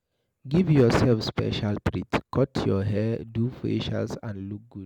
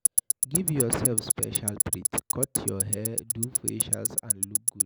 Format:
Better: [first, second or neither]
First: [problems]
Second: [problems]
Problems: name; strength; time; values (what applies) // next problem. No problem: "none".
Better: first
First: none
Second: background sound (Tick-tock); 5 dB above the speech